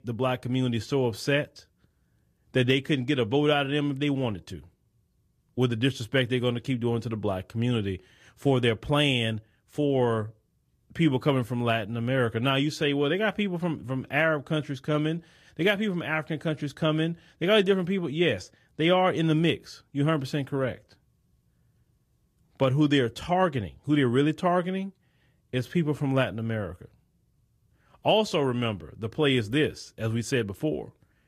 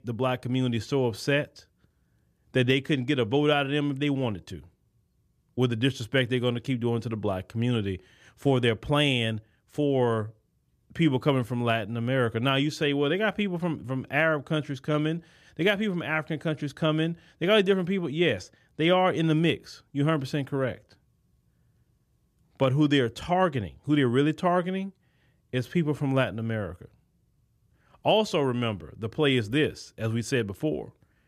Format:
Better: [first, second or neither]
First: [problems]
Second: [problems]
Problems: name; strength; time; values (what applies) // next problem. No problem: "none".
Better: second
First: garbled, watery; slightly; nothing above 14.5 kHz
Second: none